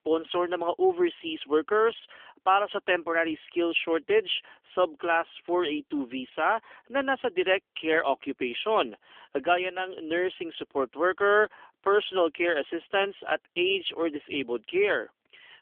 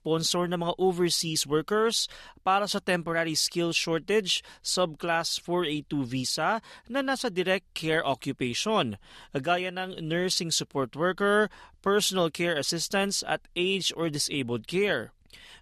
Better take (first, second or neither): second